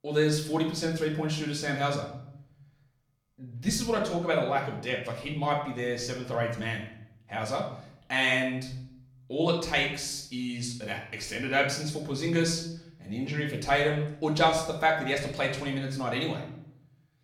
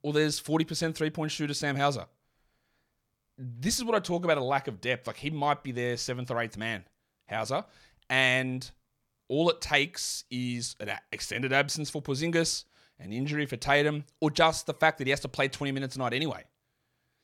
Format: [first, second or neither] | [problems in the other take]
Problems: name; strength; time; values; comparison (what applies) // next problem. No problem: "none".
second | room echo; slight; dies away in 0.6 s // off-mic speech; far